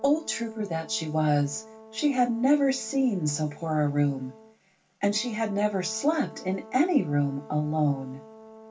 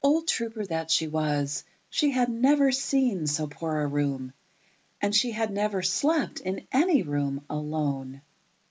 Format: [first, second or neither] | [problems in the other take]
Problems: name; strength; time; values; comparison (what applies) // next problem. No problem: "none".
second | background sound (Brass instrument); 20 dB below the speech // room echo; dies away in 0.2 s